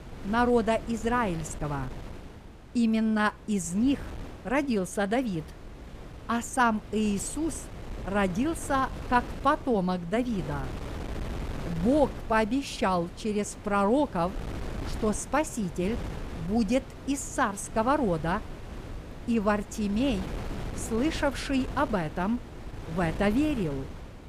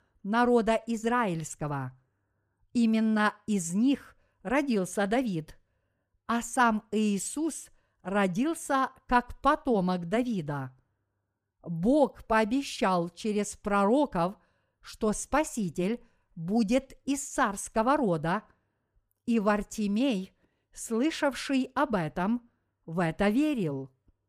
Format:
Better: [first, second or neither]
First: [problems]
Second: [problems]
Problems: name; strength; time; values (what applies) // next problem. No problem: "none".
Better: second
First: wind noise on the microphone; occasional gusts; 15 dB below the speech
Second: none